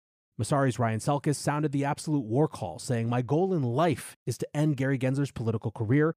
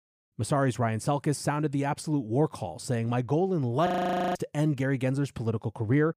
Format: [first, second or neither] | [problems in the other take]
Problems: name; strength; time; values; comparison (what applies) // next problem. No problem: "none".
first | audio freezing; at 4 s